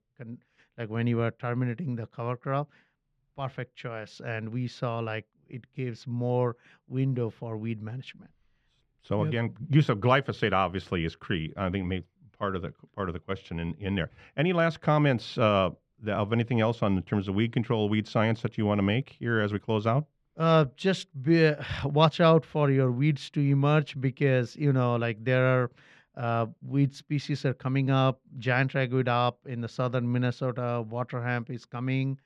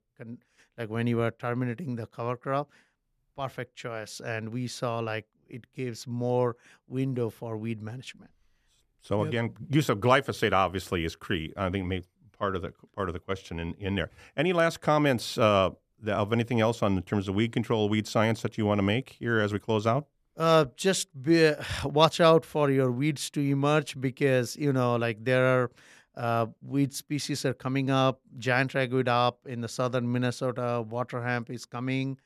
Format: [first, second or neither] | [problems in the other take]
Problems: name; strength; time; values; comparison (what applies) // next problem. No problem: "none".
second | muffled; very slightly; fading above 3 kHz